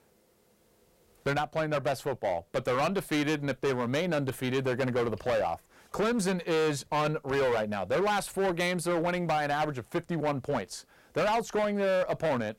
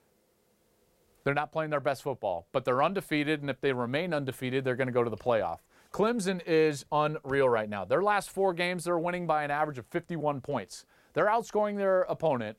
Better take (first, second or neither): second